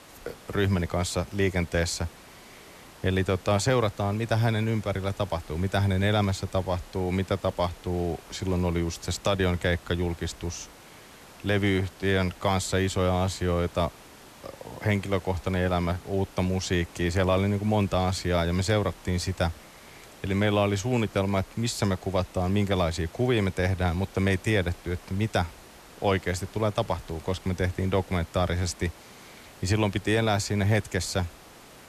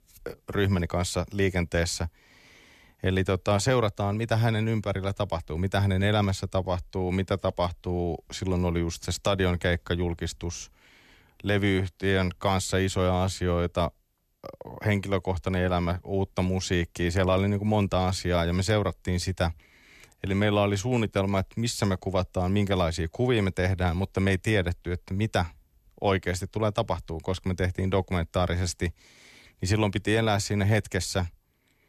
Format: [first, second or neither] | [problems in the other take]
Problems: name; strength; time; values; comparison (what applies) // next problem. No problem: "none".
second | hiss; faint; throughout; 20 dB below the speech